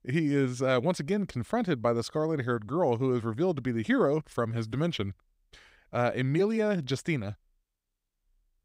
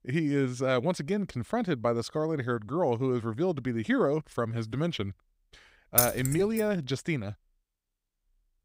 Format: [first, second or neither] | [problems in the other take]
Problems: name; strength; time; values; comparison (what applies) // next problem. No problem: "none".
first | jangling keys; loud; at 6 s; peak 5 dB above the speech